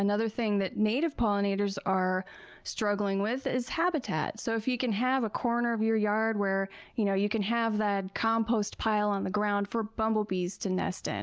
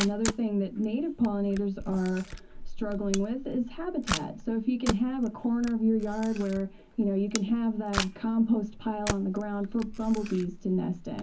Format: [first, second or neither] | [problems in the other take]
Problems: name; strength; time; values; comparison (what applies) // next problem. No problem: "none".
first | background sound (Camera); 9 dB below the speech // room echo; dies away in 0.4 s